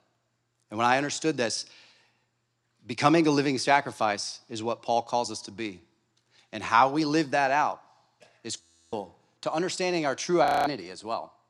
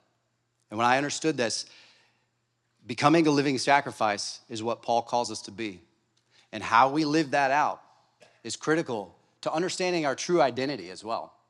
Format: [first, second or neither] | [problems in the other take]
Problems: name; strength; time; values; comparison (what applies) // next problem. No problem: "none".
second | audio freezing; at 8.5 s and at 10 s